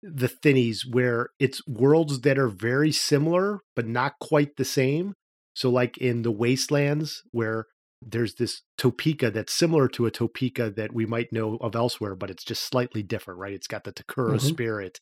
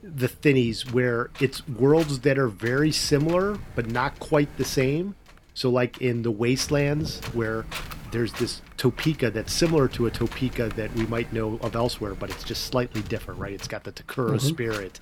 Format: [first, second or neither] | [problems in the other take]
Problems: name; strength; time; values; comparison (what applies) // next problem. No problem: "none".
first | wind noise on the microphone; occasional gusts; 15 dB below the speech